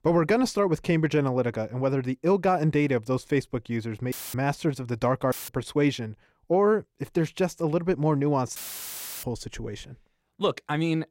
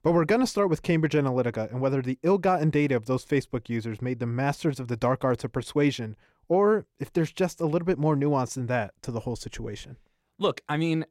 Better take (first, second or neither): second